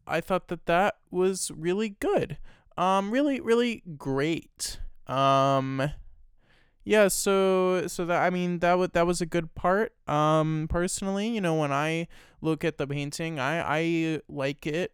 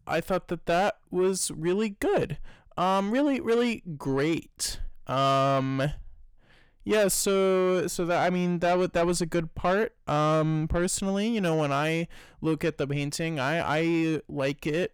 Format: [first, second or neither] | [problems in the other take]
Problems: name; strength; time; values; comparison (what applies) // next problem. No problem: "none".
first | distortion; slight; 10 dB below the speech